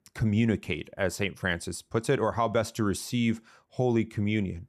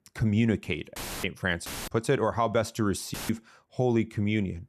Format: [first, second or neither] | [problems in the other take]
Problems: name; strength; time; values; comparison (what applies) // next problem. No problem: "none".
first | audio cutting out; filled with static; at 1 s, at 1.5 s and at 3 s